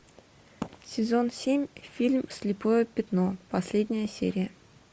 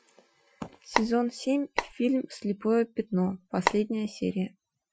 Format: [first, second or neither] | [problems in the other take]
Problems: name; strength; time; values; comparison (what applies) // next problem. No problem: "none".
first | noise reduction (classical method Wiener filter)